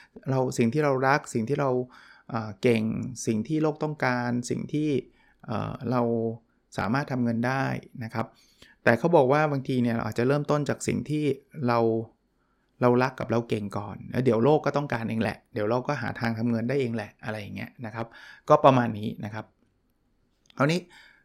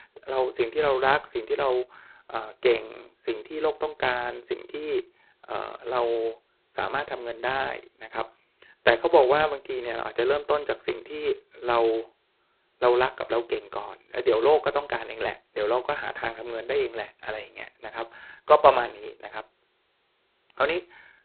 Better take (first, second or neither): first